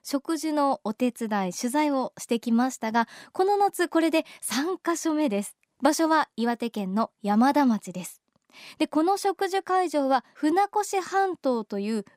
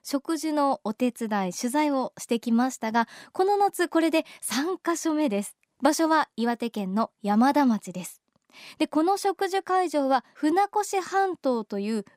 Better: neither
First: none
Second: none

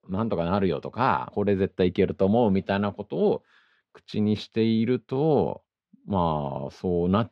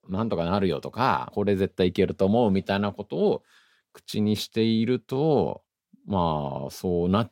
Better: second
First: muffled; very slightly; fading above 3 kHz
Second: none

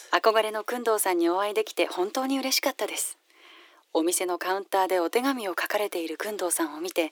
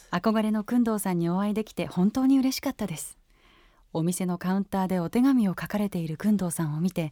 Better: second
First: thin; very; fading below 300 Hz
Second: none

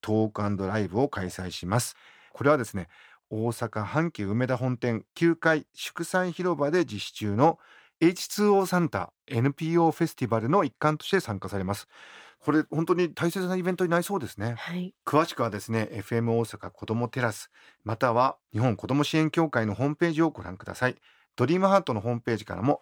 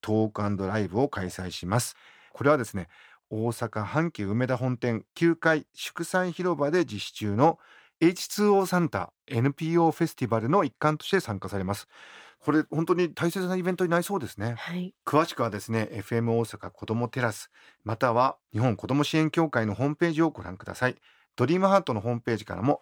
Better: neither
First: none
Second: none

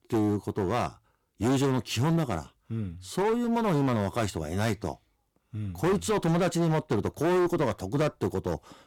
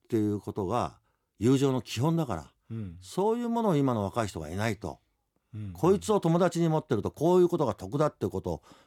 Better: second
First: distortion; heavy; 16% of the sound clipped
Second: none

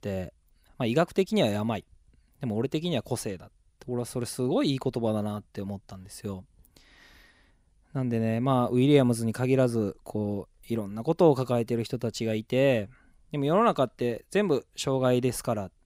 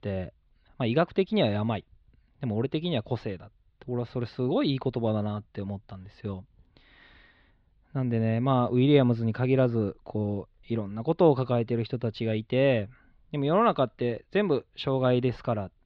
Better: first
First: none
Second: muffled; slightly; fading above 4 kHz

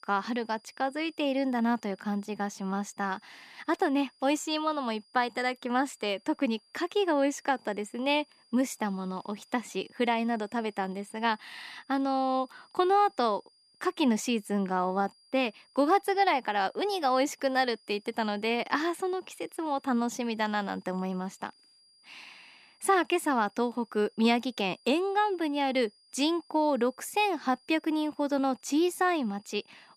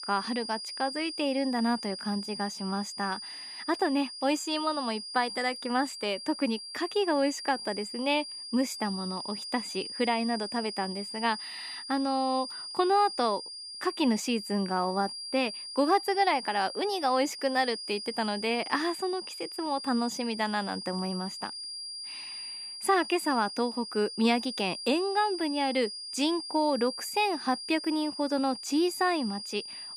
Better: first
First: high-pitched whine; faint; throughout; 5 kHz, 30 dB below the speech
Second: high-pitched whine; loud; throughout; 5 kHz, 8 dB below the speech

